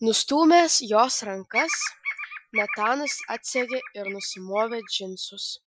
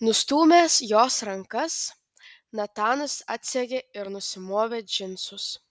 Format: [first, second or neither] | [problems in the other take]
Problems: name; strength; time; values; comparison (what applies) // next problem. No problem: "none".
second | noise reduction (classical method Wiener filter)